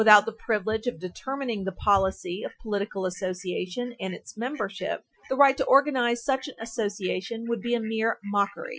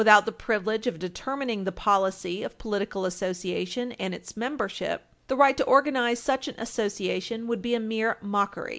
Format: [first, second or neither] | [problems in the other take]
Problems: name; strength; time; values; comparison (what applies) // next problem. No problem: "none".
second | noise reduction (classical method Wiener filter)